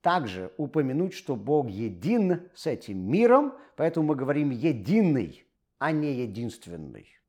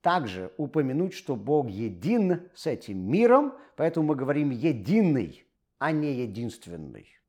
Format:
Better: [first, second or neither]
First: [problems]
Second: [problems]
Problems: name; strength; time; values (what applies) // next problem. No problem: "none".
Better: neither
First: none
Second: none